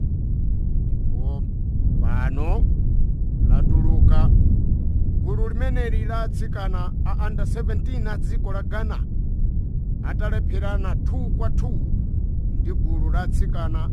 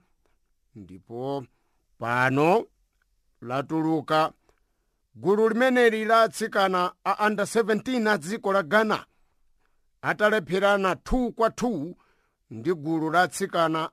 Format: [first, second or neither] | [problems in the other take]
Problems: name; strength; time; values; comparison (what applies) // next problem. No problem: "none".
second | wind noise on the microphone; heavy; 3 dB below the speech